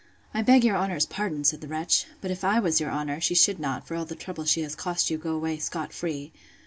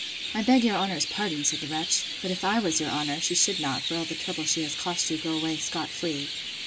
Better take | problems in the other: first | background sound (Chirp, tweet); 5 dB below the speech

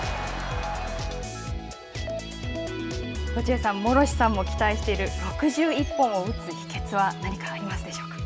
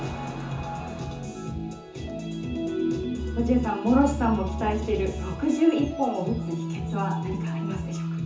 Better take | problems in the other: first | room echo; dies away in 0.6 s

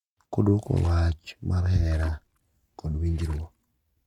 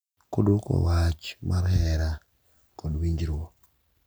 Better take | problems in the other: second | noise reduction (neural mask model RNNoise)

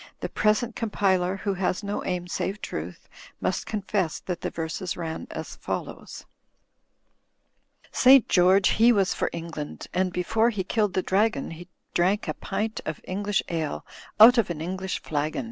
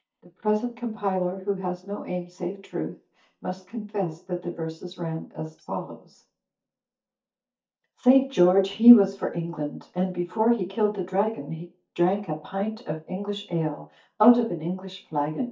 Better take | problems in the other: first | noise reduction (neural mask model DeepFilterNet 3)

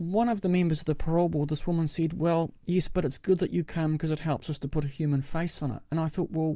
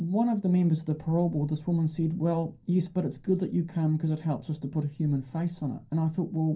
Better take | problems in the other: first | room echo; dies away in 0.3 s

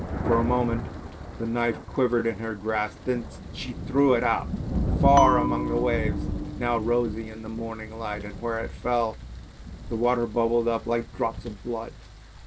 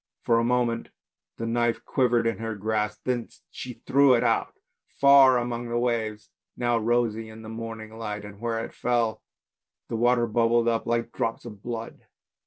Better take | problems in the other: second | background sound (Bell + Thunder); 5 dB below the speech

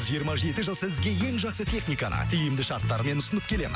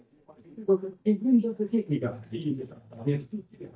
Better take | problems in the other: first | noise reduction (neural mask model DeepFilterNet 3)

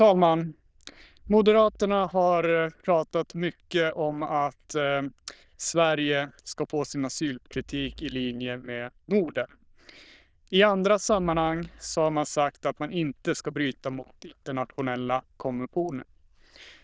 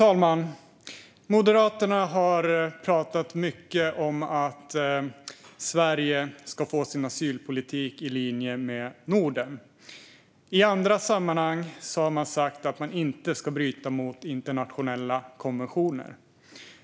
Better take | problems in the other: second | noise reduction (neural diffusion model UNIVERSE++)

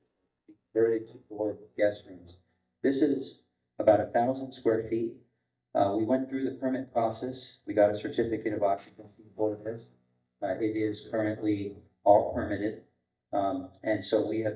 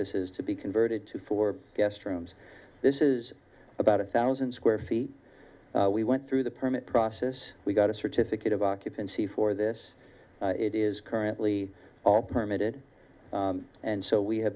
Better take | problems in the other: second | noise reduction (neural mask model DeepFilterNet 3)

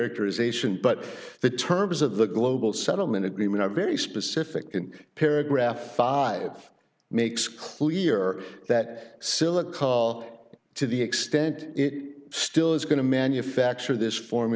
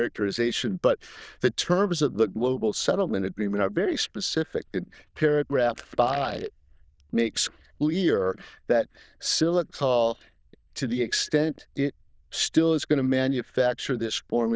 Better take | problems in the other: first | noise reduction (neural diffusion model UNIVERSE++)

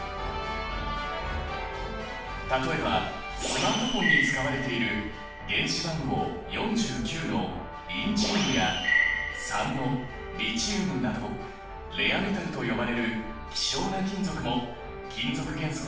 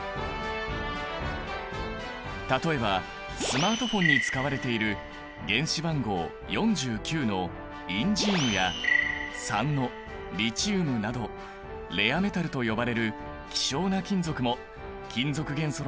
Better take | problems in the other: second | room echo; dies away in 0.7 s

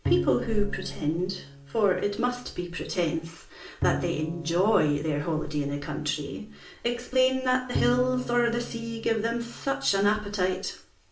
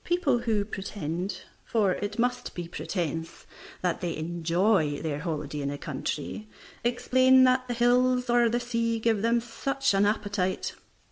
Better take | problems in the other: second | background sound (Bowed string instrument); 9 dB below the speech // room echo; dies away in 0.3 s

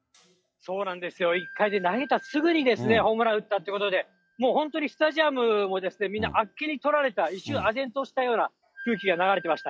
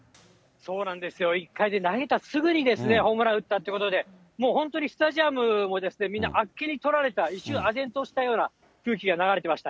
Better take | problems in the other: second | noise reduction (classical method log-MMSE)

